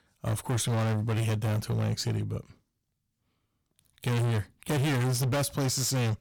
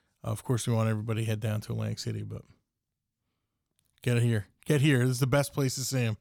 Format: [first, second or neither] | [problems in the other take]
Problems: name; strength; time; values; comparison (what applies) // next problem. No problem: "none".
second | distortion; heavy; 25% of the sound clipped